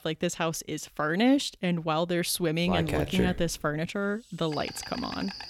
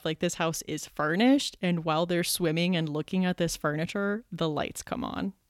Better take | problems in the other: second | animal sounds; loud; from 3 s on; 5 dB below the speech

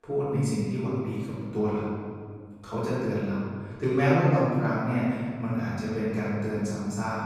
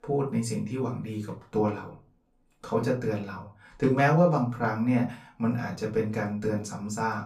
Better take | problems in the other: second | room echo; strong; dies away in 1.9 s; slight in the second // off-mic speech; far; far in the second

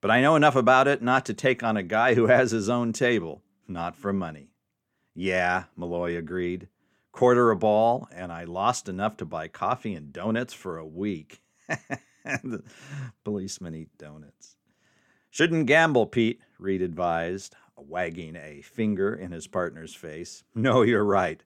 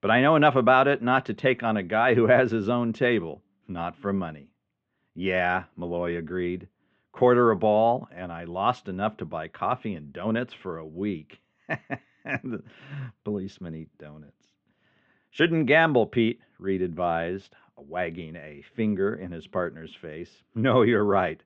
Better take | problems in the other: first | muffled; very; fading above 3.5 kHz

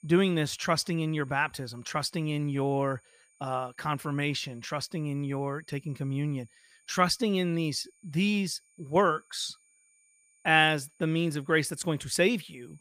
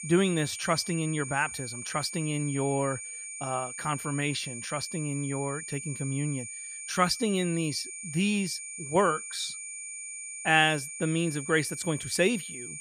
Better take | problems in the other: first | high-pitched whine; loud; throughout; 9 kHz, 8 dB below the speech; faint in the first

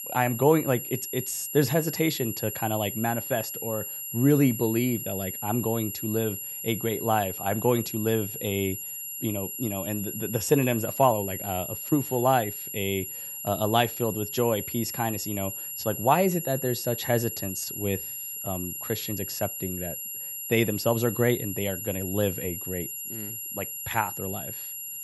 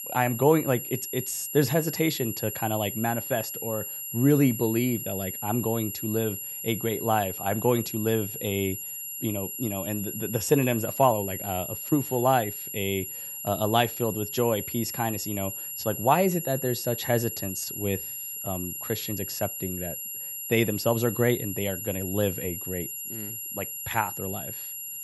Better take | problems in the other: neither | high-pitched whine; loud; throughout; 11.5 kHz, 5 dB below the speech; the same in both

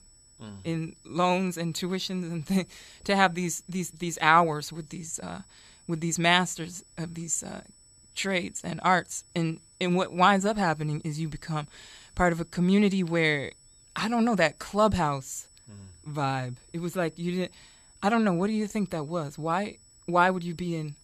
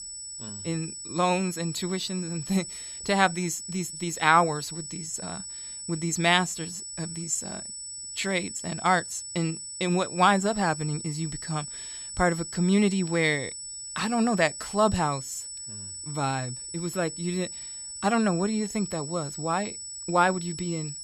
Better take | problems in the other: first | high-pitched whine; loud; throughout; 8 kHz, 8 dB below the speech; faint in the first

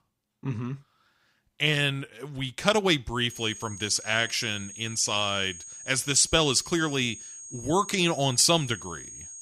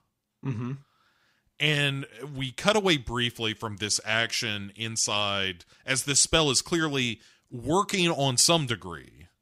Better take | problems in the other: second | high-pitched whine; noticeable; from 3.5 s on; 6.5 kHz, 15 dB below the speech

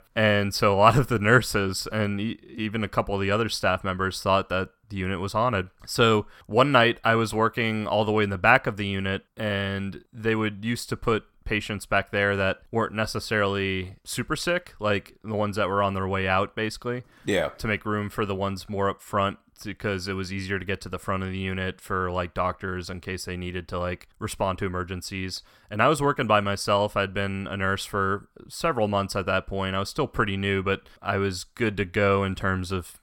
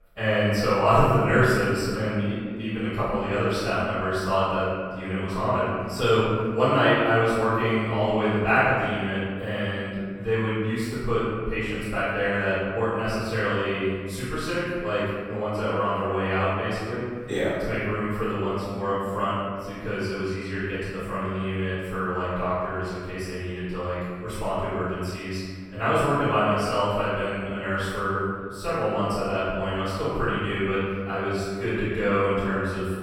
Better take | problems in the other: first | off-mic speech; far // room echo; strong; dies away in 1.7 s

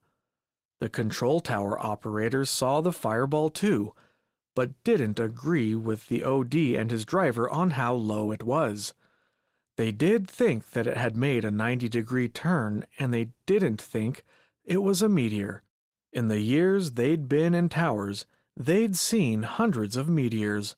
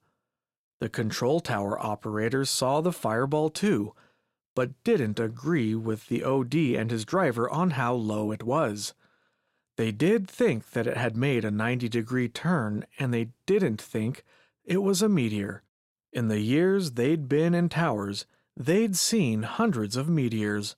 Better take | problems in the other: second | garbled, watery; slightly; nothing above 16 kHz

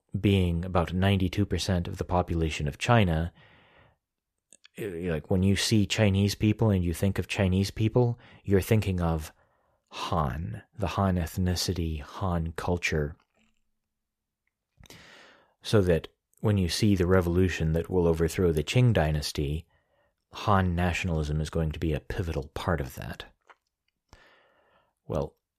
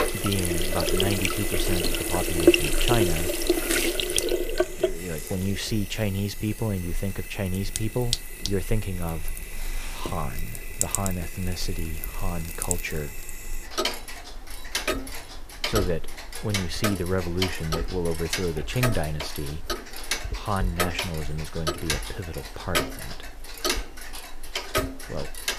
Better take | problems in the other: first | household noises; very loud; throughout; 2 dB above the speech

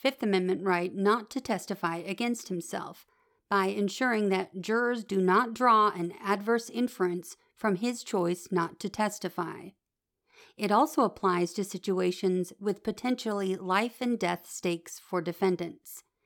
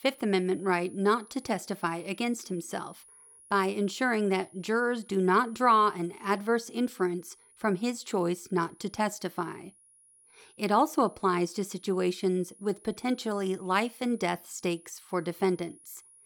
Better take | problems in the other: first | high-pitched whine; faint; throughout; 10.5 kHz, 25 dB below the speech

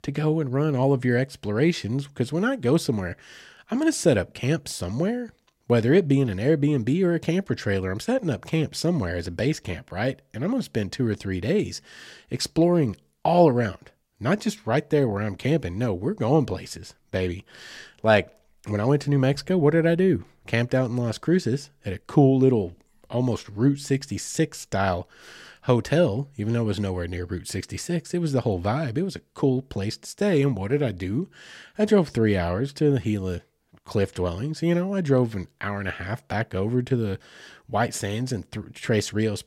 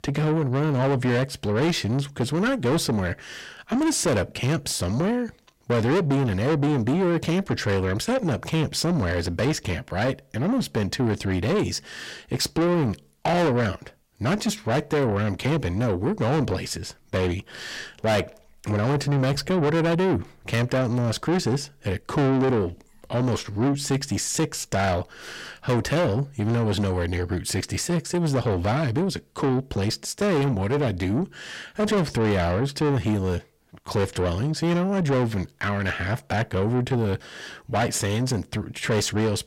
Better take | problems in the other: first | distortion; heavy; 6 dB below the speech

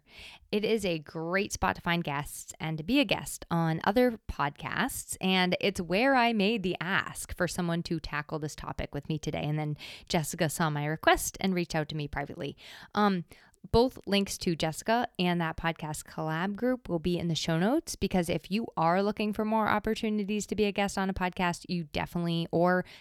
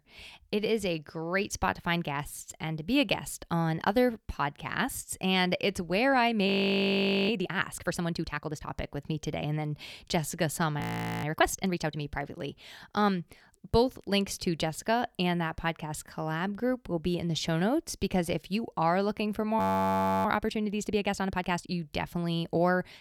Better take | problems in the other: first | audio freezing; at 6.5 s for 1 s, at 11 s and at 20 s for 0.5 s

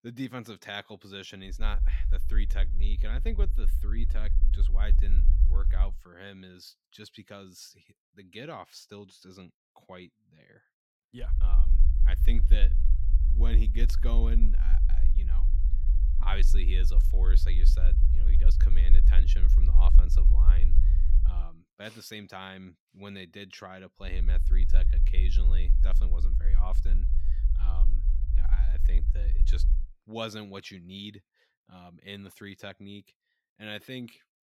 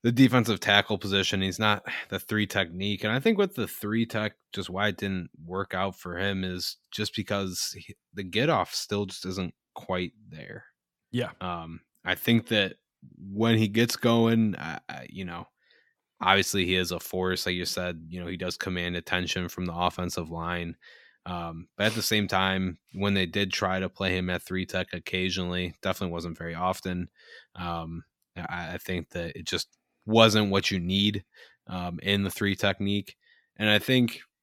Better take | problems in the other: second | low rumble; loud; from 1.5 to 6 s, from 11 to 21 s and from 24 to 30 s; 8 dB below the speech

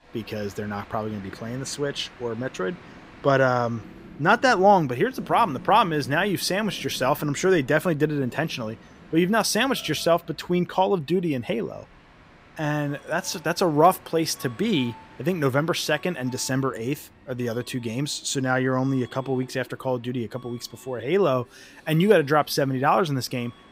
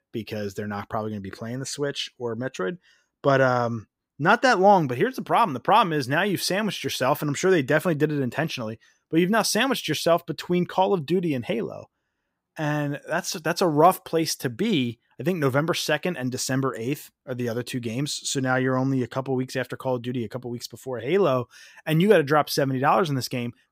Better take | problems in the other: second | train or aircraft noise; faint; throughout; 25 dB below the speech

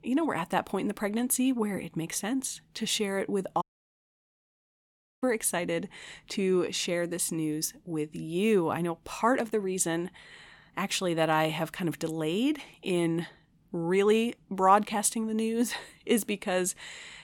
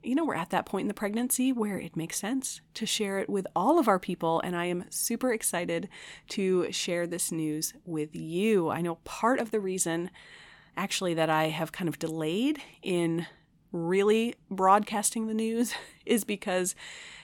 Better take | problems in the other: second | audio cutting out; at 3.5 s for 1.5 s

